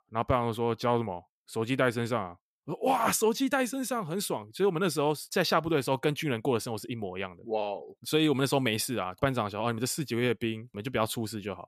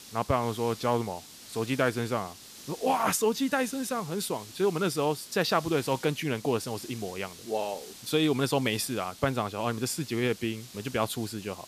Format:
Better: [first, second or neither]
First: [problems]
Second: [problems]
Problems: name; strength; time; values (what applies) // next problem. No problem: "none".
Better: first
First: none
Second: hiss; noticeable; throughout; 15 dB below the speech